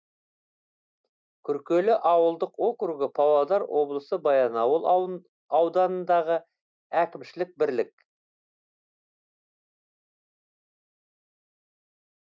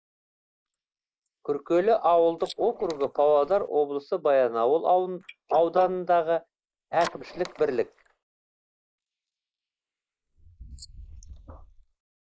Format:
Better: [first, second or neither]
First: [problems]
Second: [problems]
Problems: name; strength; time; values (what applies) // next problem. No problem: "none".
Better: first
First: none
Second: noise reduction (neural mask model Resemble Enhance denoiser)